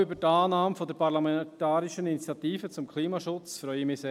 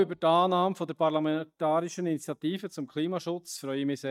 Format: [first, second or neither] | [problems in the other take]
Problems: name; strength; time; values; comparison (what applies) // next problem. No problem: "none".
first | noise reduction (neural mask model DeepFilterNet 3)